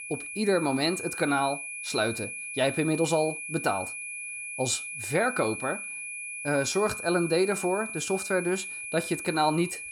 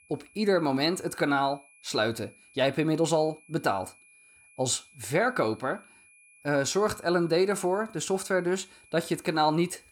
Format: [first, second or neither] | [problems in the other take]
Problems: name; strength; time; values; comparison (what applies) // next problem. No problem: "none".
second | high-pitched whine; loud; throughout; 2.5 kHz, 7 dB below the speech; faint in the second